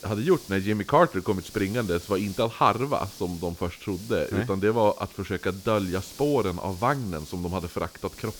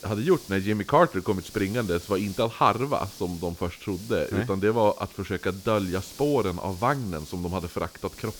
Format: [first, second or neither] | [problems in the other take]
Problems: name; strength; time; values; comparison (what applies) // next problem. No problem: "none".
neither | hiss; noticeable; throughout; 20 dB below the speech; the same in both